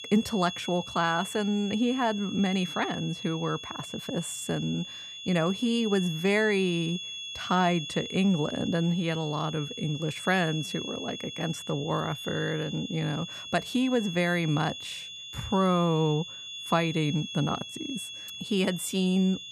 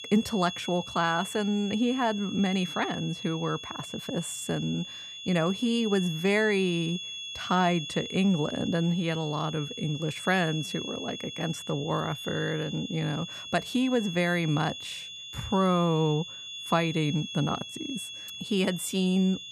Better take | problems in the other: neither | high-pitched whine; loud; throughout; 3.5 kHz, 9 dB below the speech; the same in both

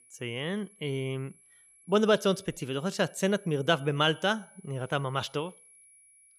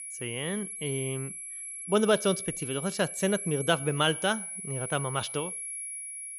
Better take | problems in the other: first | high-pitched whine; loud; throughout; 11 kHz, 6 dB below the speech; faint in the first

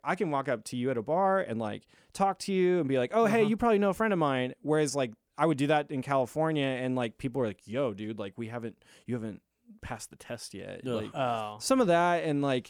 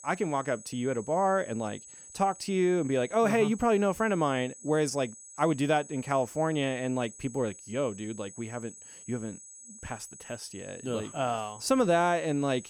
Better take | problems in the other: first | high-pitched whine; noticeable; throughout; 8 kHz, 15 dB below the speech

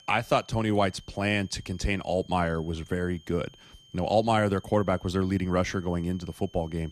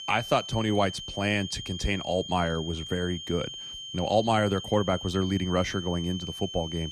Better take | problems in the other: first | high-pitched whine; loud; throughout; 3 kHz, 9 dB below the speech; faint in the first

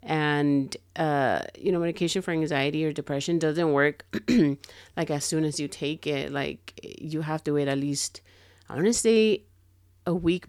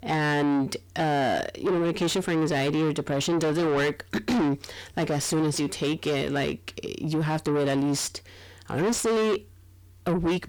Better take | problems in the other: first | distortion; heavy; 6 dB below the speech

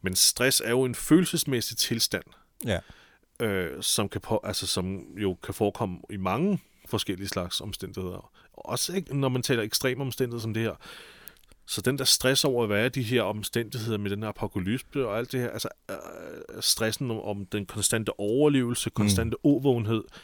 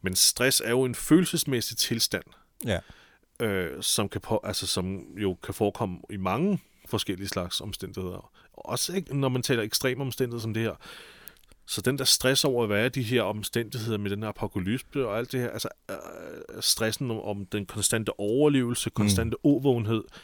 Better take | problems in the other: neither | none

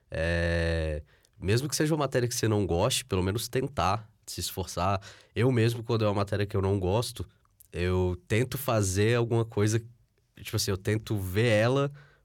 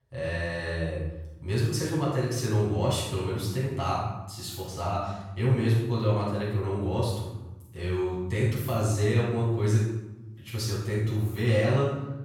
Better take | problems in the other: first | off-mic speech; far // room echo; strong; dies away in 1 s

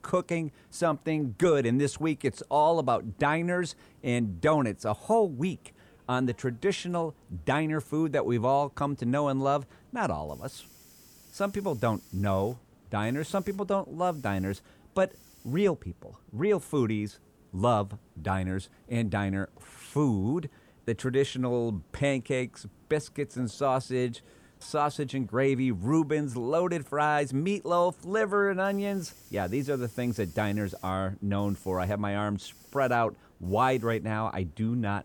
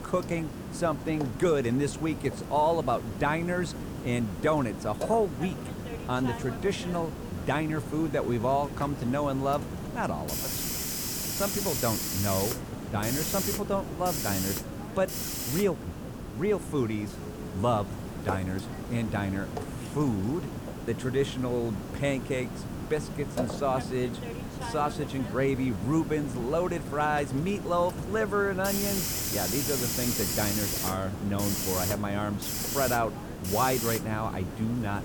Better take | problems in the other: first | hiss; loud; throughout; 3 dB below the speech; faint in the first

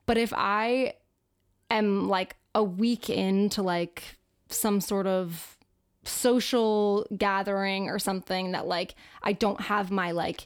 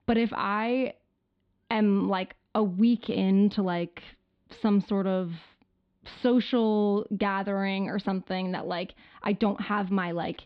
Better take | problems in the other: first | muffled; slightly; fading above 4 kHz

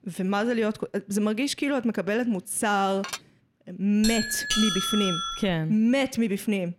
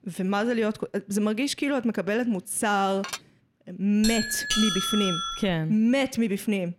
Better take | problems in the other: neither | clattering dishes; noticeable; at 3 s; peak 10 dB below the speech; the same in both // doorbell; loud; from 4 to 5.5 s; peak 2 dB above the speech; the same in both

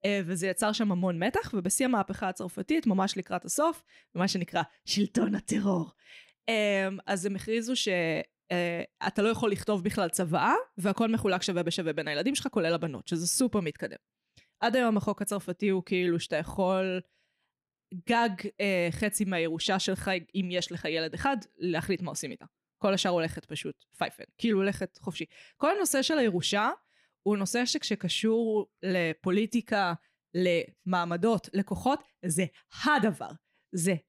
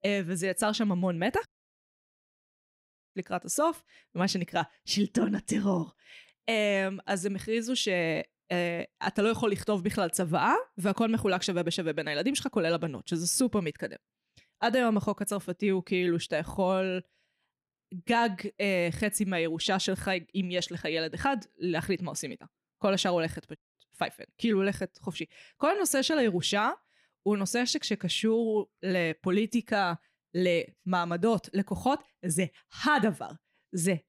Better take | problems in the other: first | audio cutting out; at 1.5 s for 1.5 s and at 24 s

